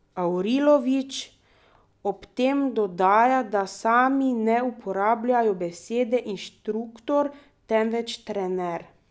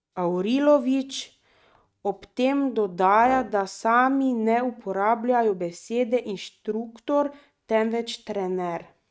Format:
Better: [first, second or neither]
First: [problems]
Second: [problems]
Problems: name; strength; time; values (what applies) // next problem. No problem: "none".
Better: first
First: none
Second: noise reduction (neural mask model RNNoise)